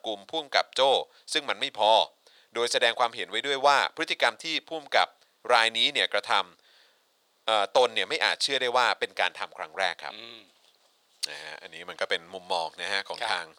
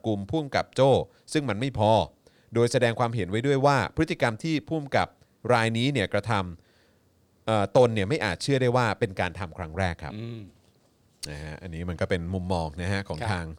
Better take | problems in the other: second | thin; very; fading below 800 Hz

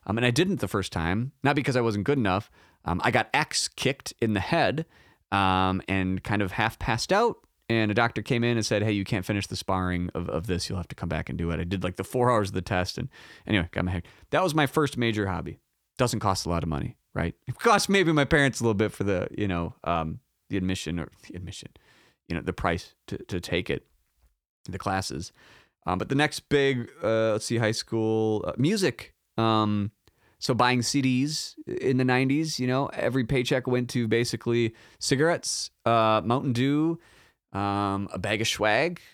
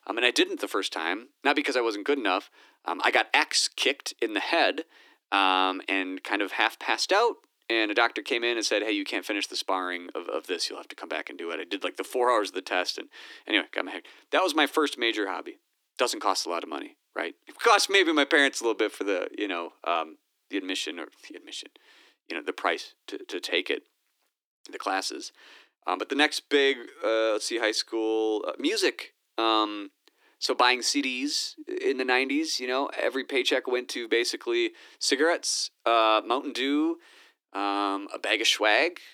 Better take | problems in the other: first | thin; somewhat; fading below 300 Hz

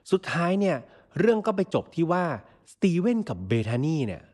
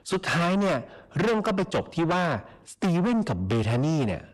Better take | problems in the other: first | distortion; heavy; 5 dB below the speech

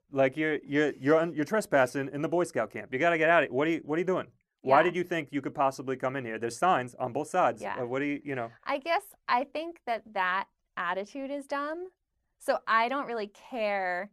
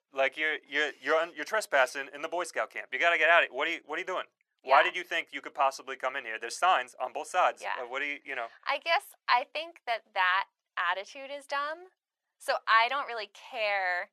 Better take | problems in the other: first | thin; very; fading below 750 Hz

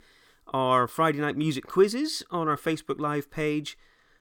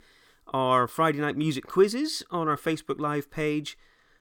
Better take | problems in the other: neither | none

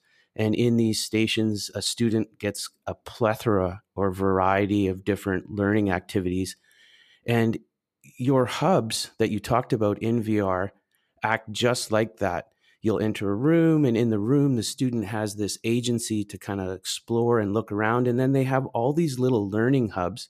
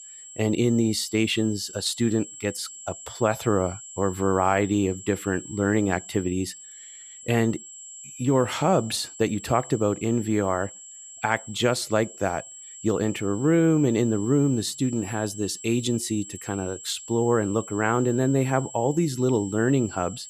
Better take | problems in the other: first | high-pitched whine; noticeable; throughout; 7.5 kHz, 15 dB below the speech

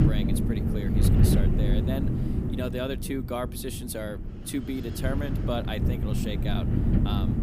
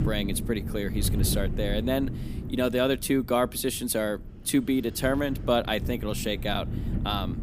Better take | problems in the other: second | wind noise on the microphone; heavy; 1 dB below the speech; occasional gusts in the second

